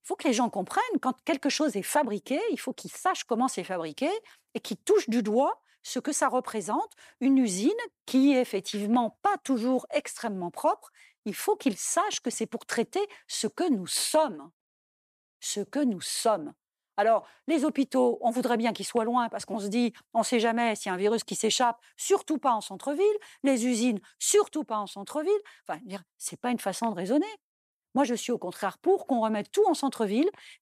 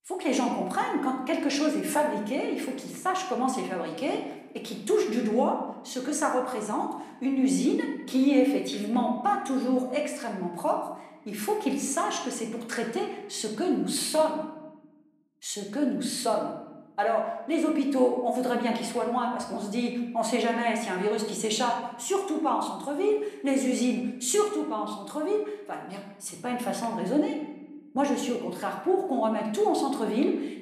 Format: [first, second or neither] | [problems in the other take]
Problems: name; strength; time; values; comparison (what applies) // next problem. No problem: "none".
first | room echo; slight; dies away in 0.9 s // off-mic speech; somewhat distant